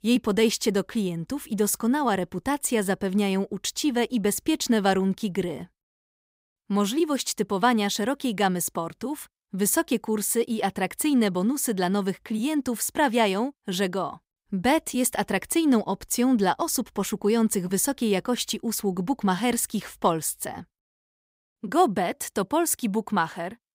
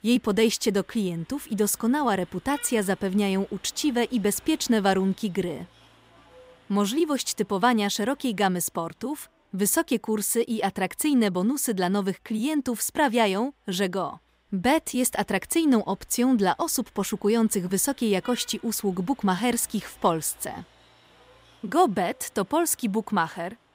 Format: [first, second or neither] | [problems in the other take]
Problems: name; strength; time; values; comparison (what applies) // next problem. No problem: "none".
first | traffic noise; faint; throughout; 30 dB below the speech